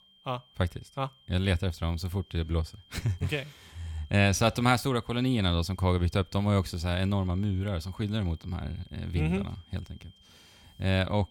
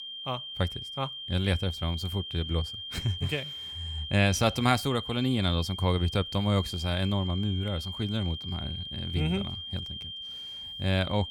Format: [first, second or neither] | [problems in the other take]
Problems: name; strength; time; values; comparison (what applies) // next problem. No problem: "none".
first | high-pitched whine; loud; throughout; 3 kHz, 7 dB below the speech; faint in the first